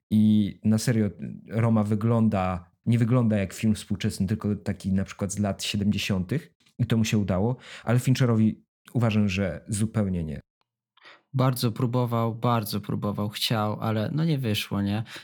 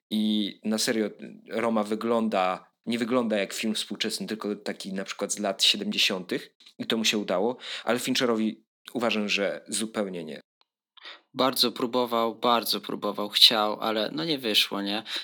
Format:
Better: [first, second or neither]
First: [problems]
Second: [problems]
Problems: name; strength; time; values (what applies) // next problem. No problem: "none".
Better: first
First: none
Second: thin; somewhat; fading below 250 Hz